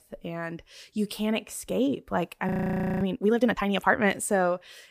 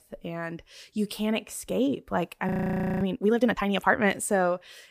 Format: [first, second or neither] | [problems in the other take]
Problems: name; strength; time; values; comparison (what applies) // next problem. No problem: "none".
neither | audio freezing; at 2.5 s for 0.5 s; the same in both